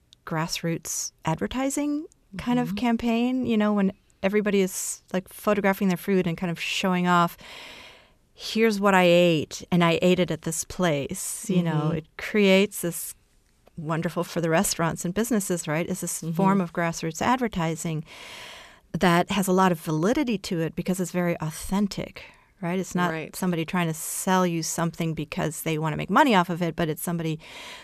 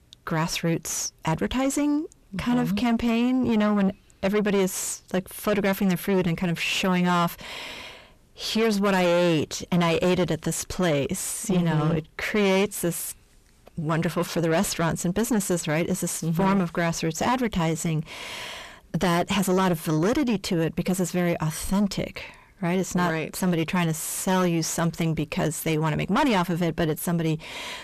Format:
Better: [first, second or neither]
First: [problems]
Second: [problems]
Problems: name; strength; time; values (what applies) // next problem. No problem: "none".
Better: first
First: none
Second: distortion; heavy; 7 dB below the speech